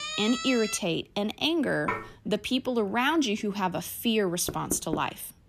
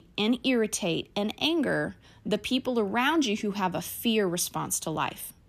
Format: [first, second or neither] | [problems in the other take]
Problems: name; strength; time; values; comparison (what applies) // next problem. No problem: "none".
second | siren; noticeable; at the start; peak 4 dB below the speech // clattering dishes; noticeable; at 2 s; peak 5 dB below the speech // door banging; noticeable; at 4.5 s; peak 8 dB below the speech